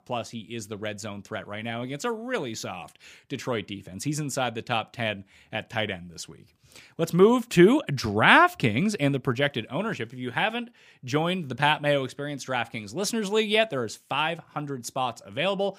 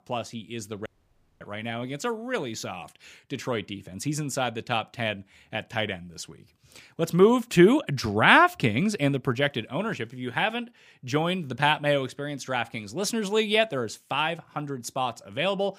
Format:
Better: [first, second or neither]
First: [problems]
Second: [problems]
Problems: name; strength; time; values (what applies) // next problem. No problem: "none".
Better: first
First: none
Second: audio cutting out; at 1 s for 0.5 s